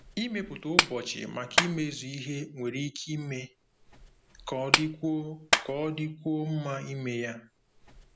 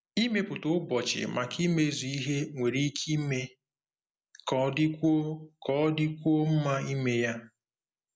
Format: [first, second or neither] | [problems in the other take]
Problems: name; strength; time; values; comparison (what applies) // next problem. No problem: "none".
second | background sound (Clapping); as loud as the speech